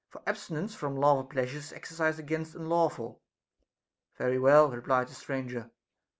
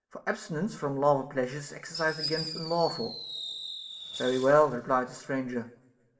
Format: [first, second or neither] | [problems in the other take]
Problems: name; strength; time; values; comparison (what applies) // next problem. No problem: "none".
first | background sound (Fireworks); 10 dB below the speech // room echo; dies away in 1.1 s